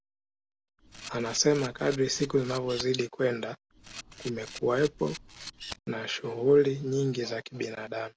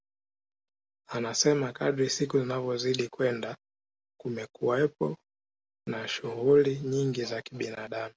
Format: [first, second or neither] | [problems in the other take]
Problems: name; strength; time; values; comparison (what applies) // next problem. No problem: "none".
second | background sound (Camera); 15 dB below the speech